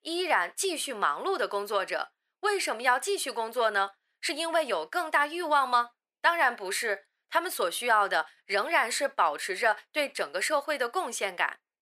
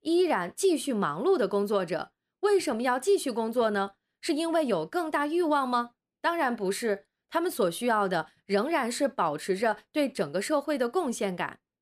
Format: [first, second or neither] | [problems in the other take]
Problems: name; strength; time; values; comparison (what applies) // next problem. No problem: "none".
second | thin; very; fading below 700 Hz